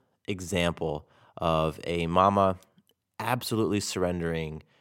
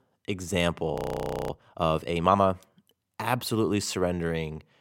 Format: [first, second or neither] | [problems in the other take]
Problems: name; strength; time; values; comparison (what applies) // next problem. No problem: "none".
first | audio freezing; at 1 s for 0.5 s